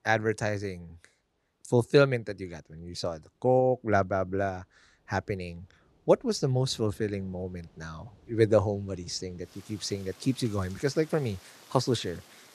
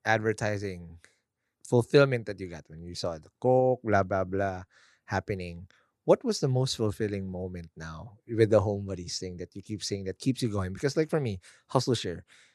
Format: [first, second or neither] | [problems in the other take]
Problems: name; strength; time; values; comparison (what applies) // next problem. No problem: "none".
second | rain or running water; faint; throughout; 25 dB below the speech